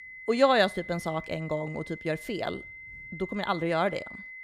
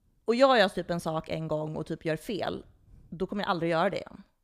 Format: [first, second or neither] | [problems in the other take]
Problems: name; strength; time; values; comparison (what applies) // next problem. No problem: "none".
second | high-pitched whine; noticeable; throughout; 2 kHz, 15 dB below the speech